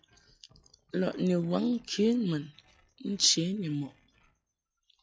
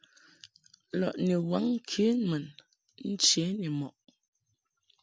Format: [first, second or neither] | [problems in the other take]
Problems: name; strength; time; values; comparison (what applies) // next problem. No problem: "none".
second | noise reduction (classical method log-MMSE)